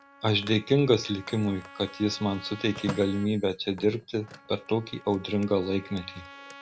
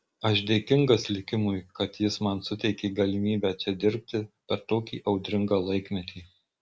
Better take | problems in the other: second | background sound (Telephone + Trumpet); 16 dB below the speech

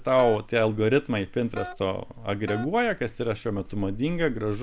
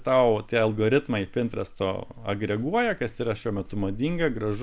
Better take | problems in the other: second | background sound (Wind instrument, woodwind instrument); 16 dB below the speech

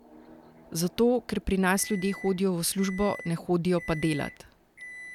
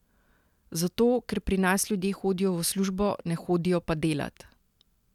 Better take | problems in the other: second | background sound (Microwave oven); 17 dB below the speech

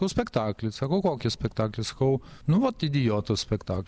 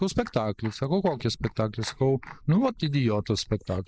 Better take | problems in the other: first | noise reduction (neural mask model Resemble Enhance denoiser)

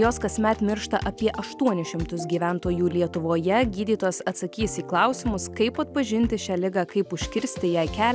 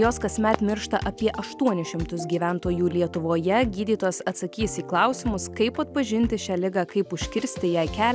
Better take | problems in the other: first | background sound (Fireworks); 15 dB below the speech

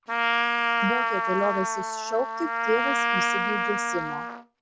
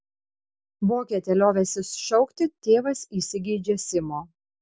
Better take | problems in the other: second | background sound (Trumpet); 5 dB above the speech

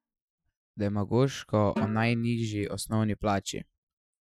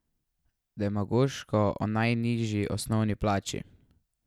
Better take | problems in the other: second | noise reduction (classical method Wiener filter)

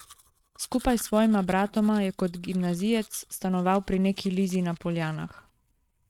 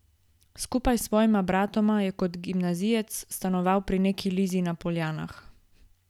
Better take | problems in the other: second | noise reduction (neural mask model RNNoise)

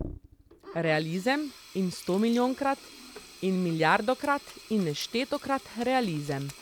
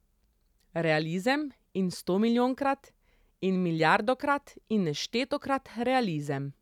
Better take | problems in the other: second | background sound (Sink (filling or washing)); 17 dB below the speech

